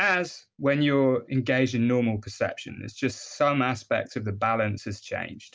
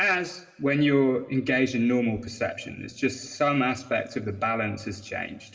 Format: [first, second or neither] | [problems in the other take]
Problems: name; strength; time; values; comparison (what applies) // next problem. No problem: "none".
first | room echo; dies away in 2.4 s